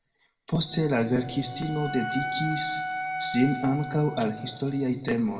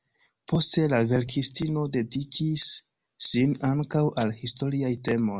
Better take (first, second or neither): second